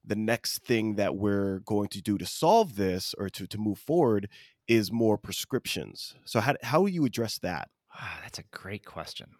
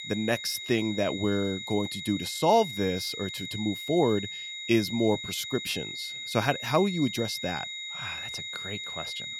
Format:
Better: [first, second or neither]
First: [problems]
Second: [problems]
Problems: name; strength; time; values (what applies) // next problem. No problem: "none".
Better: first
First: none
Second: high-pitched whine; loud; throughout; 4 kHz, 7 dB below the speech